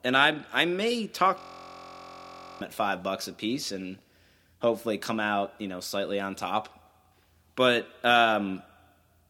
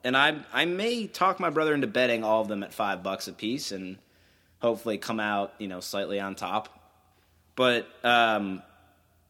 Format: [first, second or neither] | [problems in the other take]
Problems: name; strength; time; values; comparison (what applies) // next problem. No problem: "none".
second | audio freezing; at 1.5 s for 1 s